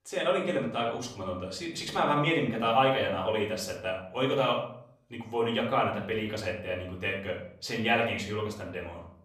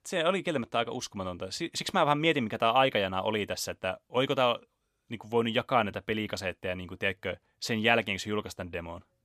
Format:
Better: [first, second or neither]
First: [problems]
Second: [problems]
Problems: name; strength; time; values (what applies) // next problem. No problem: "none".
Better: second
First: off-mic speech; far // room echo; noticeable; dies away in 0.6 s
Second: none